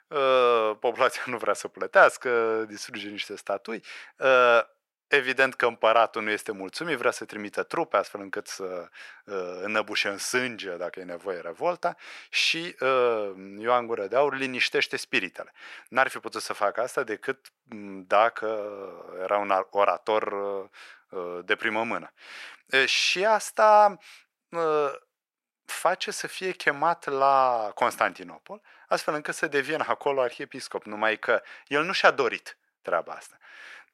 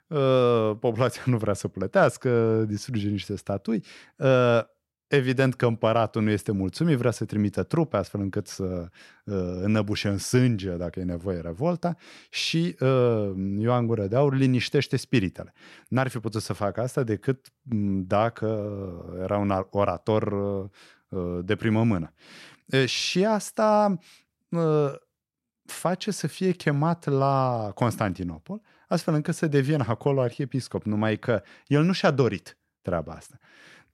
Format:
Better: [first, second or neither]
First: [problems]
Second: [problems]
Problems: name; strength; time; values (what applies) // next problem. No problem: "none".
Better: second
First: thin; very; fading below 550 Hz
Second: none